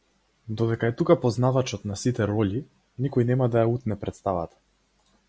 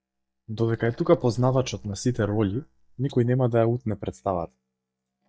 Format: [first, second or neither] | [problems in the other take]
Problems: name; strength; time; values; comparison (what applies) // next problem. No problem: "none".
first | noise reduction (neural mask model DeepFilterNet 3)